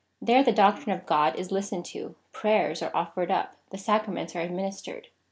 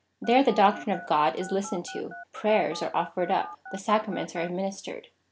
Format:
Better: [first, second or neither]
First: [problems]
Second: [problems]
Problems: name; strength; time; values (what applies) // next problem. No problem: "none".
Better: first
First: none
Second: background sound (Telephone); 16 dB below the speech